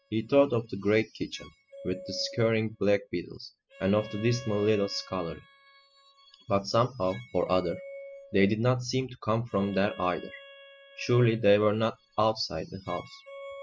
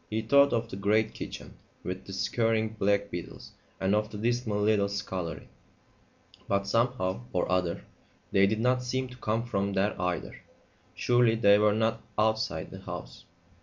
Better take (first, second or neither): second